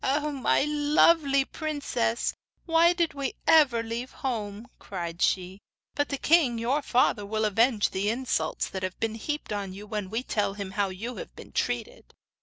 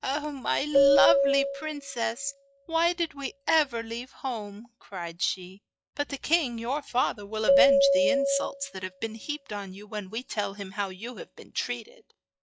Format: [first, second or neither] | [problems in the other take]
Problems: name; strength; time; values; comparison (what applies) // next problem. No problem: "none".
first | noise reduction (classical method log-MMSE)